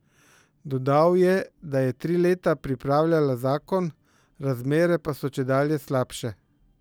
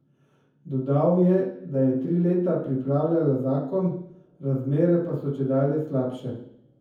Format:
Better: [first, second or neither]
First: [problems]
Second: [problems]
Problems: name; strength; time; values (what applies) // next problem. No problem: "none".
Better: first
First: none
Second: room echo; dies away in 0.7 s